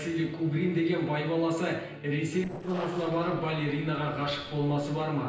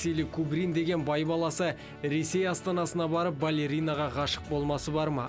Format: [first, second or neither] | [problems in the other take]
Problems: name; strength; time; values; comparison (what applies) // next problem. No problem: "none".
second | noise reduction (neural separator model SepFormer DNS4)